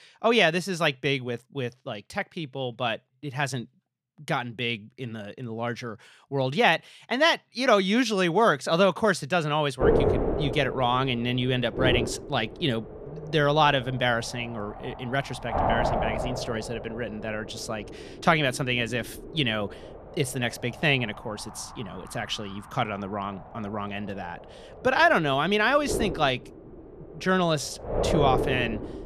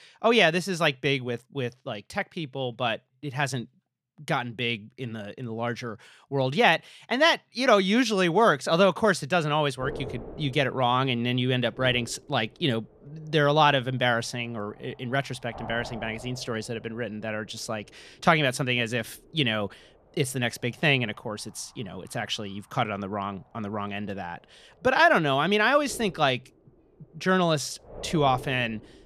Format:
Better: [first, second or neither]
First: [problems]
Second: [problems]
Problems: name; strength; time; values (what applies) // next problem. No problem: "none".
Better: second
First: wind noise on the microphone; heavy; from 10 s on; 6 dB below the speech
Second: wind noise on the microphone; occasional gusts; from 10 s on; 20 dB below the speech